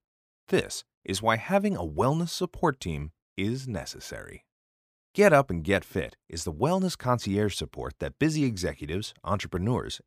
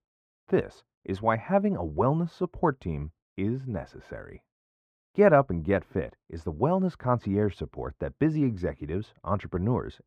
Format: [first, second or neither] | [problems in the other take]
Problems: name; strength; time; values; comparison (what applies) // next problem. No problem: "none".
first | muffled; very; fading above 3 kHz